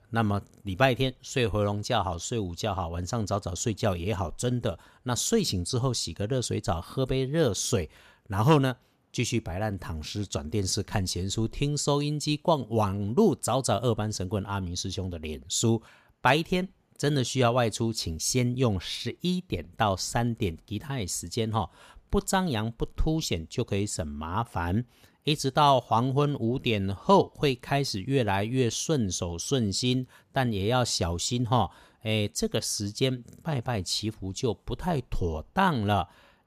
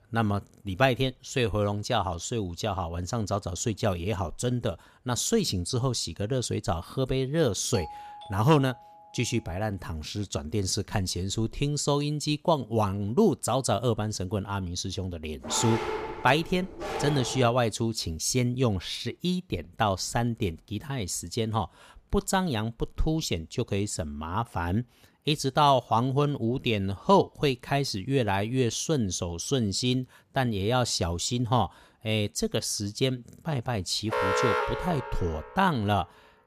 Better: first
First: none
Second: doorbell; faint; from 7.5 to 9.5 s; peak 10 dB below the speech // dog barking; noticeable; from 15 to 18 s; peak 3 dB below the speech // alarm; loud; from 34 to 35 s; peak 3 dB above the speech

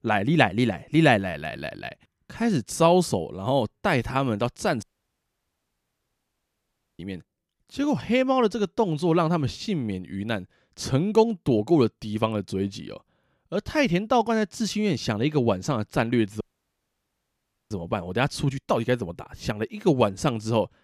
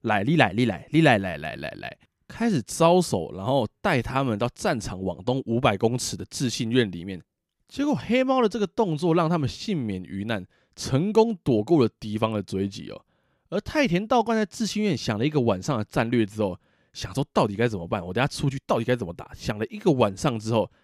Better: second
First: audio cutting out; at 5 s for 2 s and at 16 s for 1.5 s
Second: none

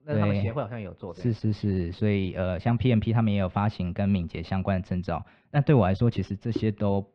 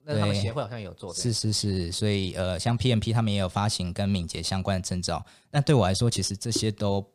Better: second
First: muffled; very; fading above 2.5 kHz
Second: none

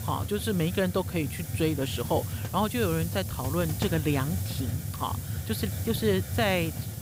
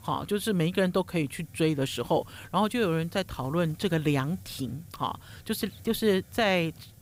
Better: second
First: hiss; loud; throughout; 4 dB below the speech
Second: hiss; faint; throughout; 20 dB below the speech

